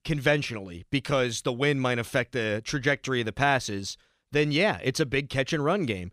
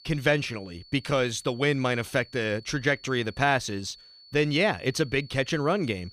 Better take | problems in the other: first | high-pitched whine; faint; throughout; 4.5 kHz, 25 dB below the speech

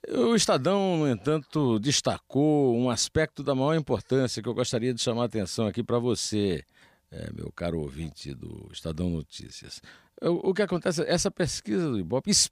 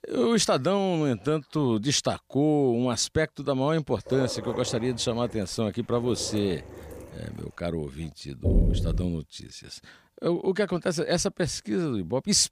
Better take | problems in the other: first | dog barking; noticeable; from 4 to 7.5 s; peak 8 dB below the speech // door banging; loud; at 8.5 s; peak 2 dB above the speech

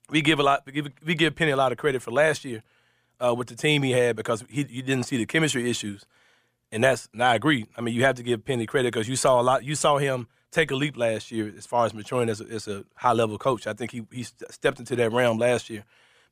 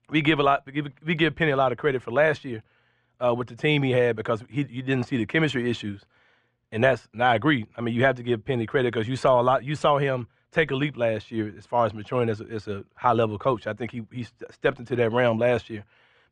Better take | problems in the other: first | muffled; slightly; fading above 3 kHz

